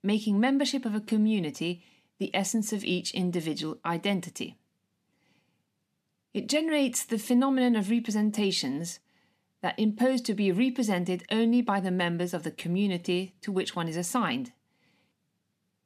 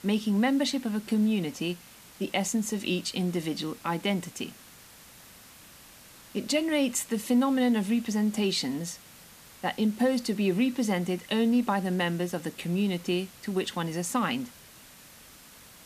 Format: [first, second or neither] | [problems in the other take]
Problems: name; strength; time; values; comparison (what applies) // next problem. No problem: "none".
first | hiss; faint; throughout; 20 dB below the speech